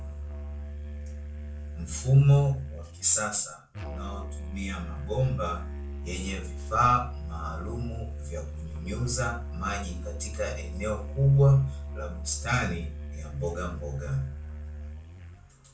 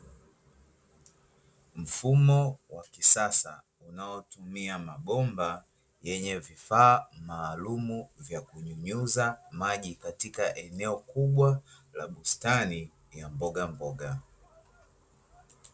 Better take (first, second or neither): second